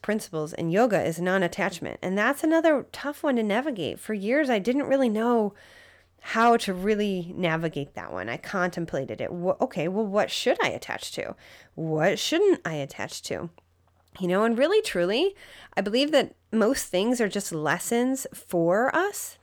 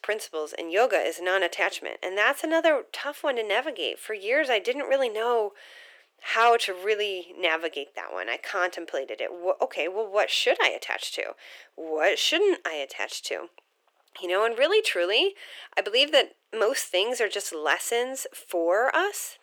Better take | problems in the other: first | thin; very; fading below 350 Hz

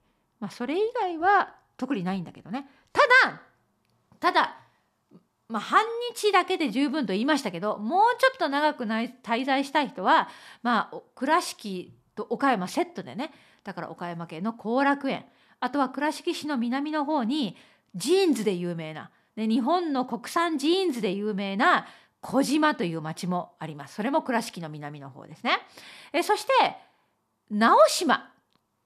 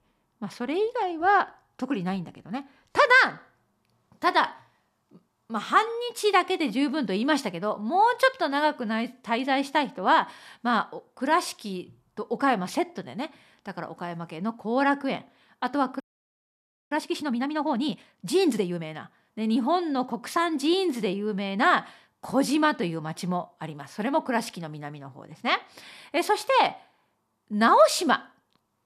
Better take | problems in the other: first | audio freezing; at 16 s for 1 s

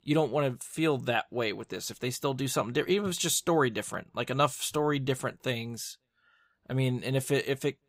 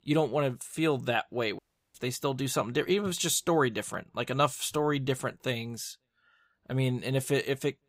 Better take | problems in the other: first | audio cutting out; at 1.5 s

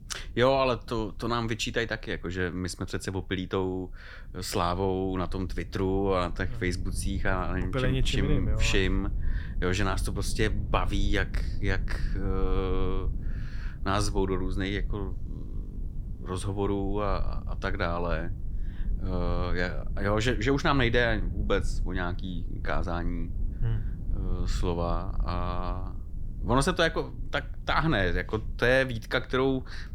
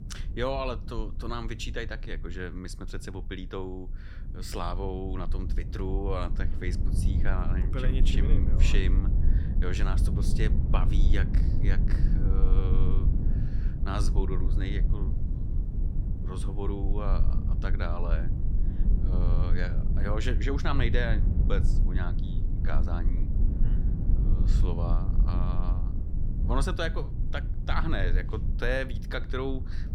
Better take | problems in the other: first | low rumble; loud; throughout; 8 dB below the speech; faint in the first

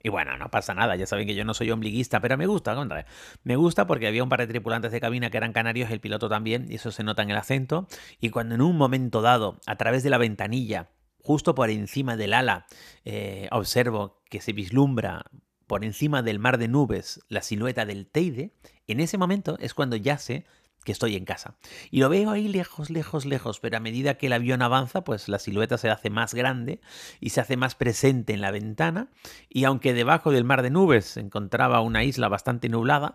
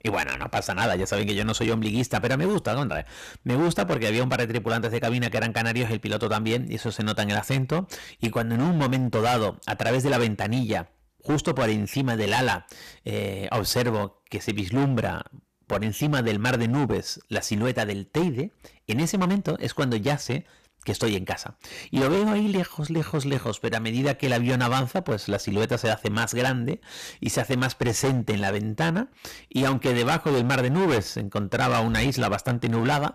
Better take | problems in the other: first | distortion; heavy; 15% of the sound clipped

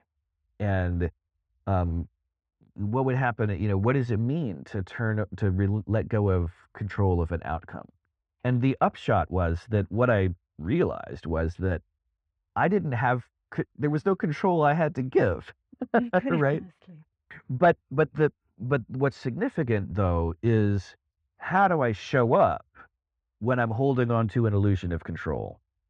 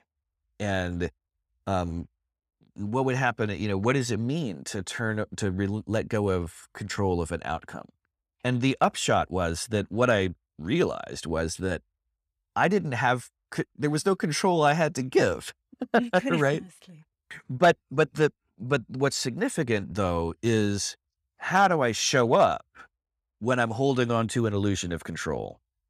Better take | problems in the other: second | muffled; very; fading above 2 kHz

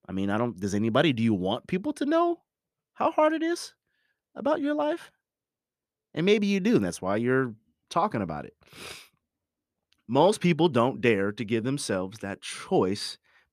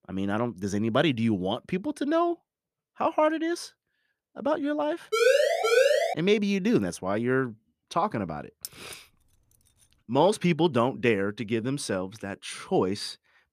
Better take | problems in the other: first | siren; loud; from 5 to 6 s; peak 6 dB above the speech // jangling keys; faint; at 8.5 s; peak 15 dB below the speech

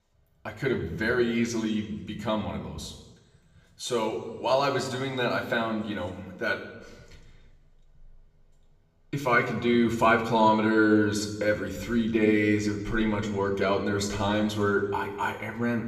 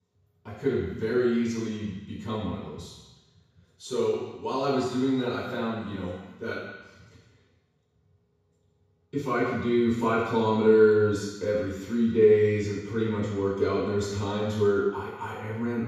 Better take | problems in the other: first | room echo; strong; dies away in 1.1 s; slight in the first // off-mic speech; far; somewhat distant in the first

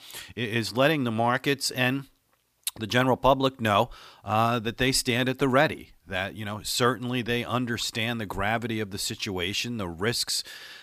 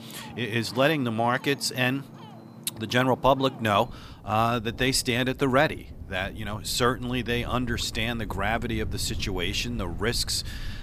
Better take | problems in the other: first | rain or running water; noticeable; throughout; 15 dB below the speech

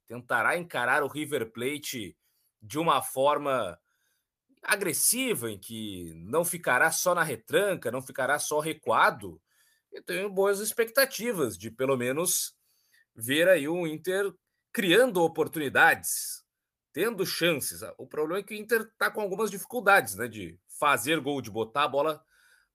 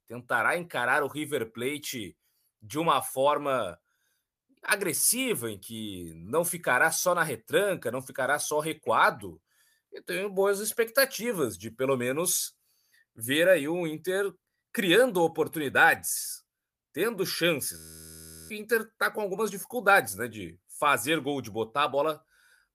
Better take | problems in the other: first | audio freezing; at 18 s for 0.5 s

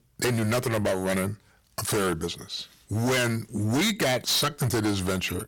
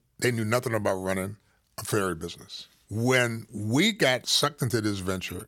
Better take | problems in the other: second | distortion; heavy; 18% of the sound clipped

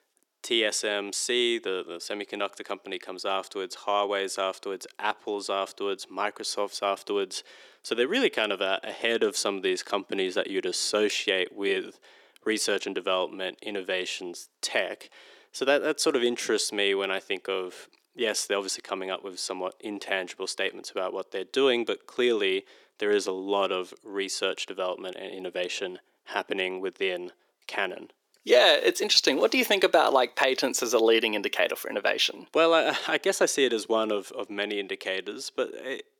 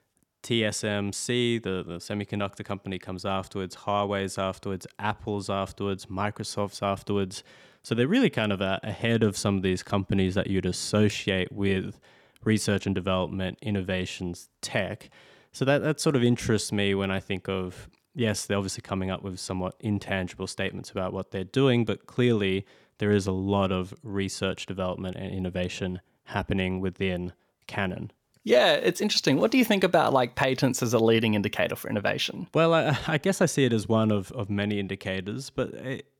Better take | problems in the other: second | thin; somewhat; fading below 350 Hz

